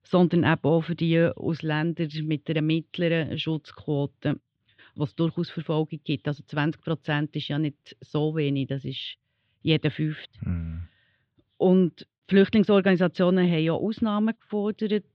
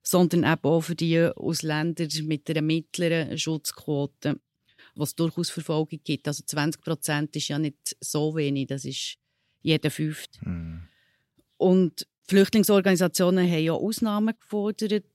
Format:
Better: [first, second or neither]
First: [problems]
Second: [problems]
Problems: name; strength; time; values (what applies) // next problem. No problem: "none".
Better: second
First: muffled; very; fading above 3.5 kHz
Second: none